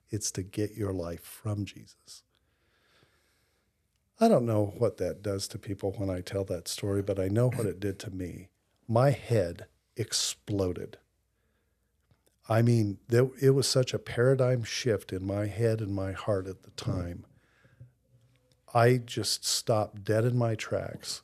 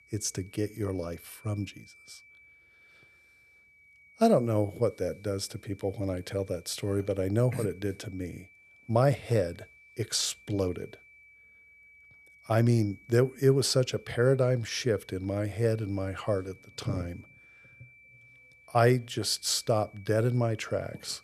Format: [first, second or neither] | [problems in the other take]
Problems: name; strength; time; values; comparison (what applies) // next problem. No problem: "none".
first | high-pitched whine; faint; throughout; 2.5 kHz, 25 dB below the speech